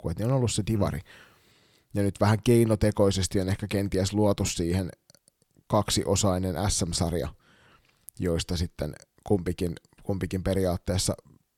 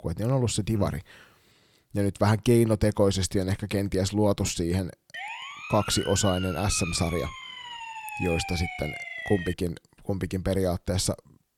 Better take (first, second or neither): first